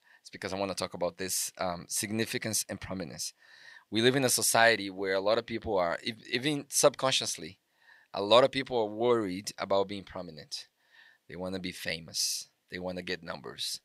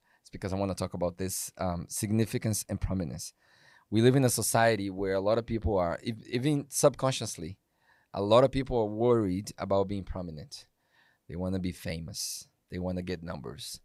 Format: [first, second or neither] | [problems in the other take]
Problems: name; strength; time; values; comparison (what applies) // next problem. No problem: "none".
second | thin; very slightly; fading below 850 Hz